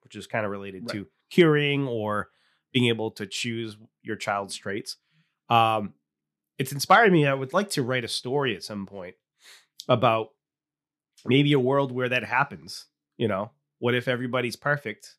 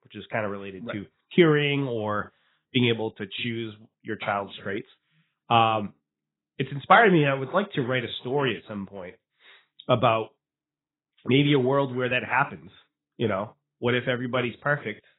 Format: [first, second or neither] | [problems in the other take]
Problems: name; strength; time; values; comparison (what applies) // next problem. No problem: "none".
first | garbled, watery; badly; nothing above 3.5 kHz